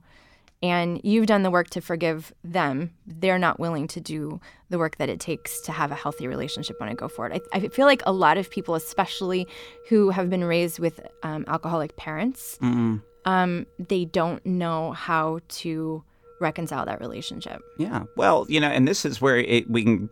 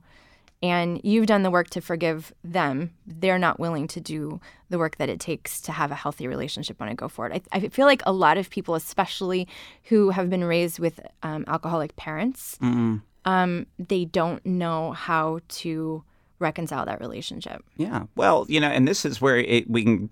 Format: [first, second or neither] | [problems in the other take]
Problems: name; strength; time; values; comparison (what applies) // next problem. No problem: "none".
second | background music; faint; from 5.5 s on; 25 dB below the speech